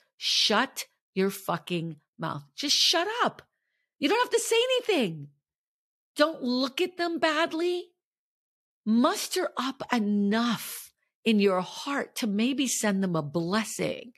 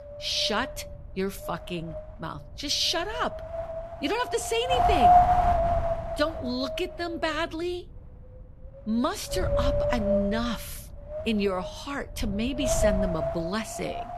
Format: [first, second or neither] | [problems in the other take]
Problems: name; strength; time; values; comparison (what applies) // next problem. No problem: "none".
first | wind noise on the microphone; heavy; 4 dB above the speech